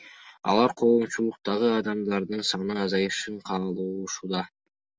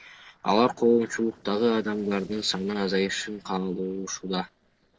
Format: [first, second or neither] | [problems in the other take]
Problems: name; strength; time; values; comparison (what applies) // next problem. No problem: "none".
first | noise reduction (neural separator model SepFormer DNS4)